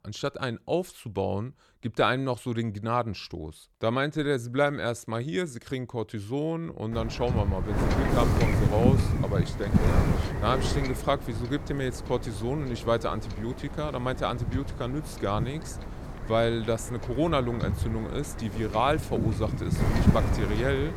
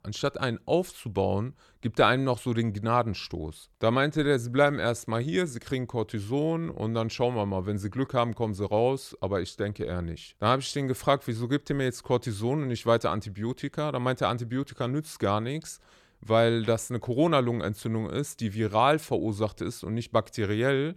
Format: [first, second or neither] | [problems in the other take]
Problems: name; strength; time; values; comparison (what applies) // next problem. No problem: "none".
second | wind noise on the microphone; heavy; from 7 s on; 6 dB below the speech